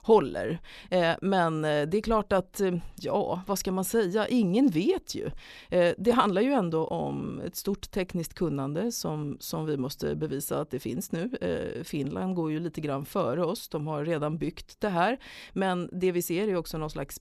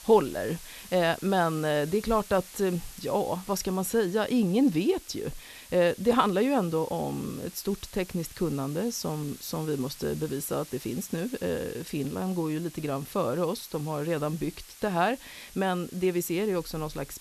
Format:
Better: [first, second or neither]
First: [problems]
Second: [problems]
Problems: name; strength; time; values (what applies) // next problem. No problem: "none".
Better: first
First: none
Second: hiss; noticeable; throughout; 15 dB below the speech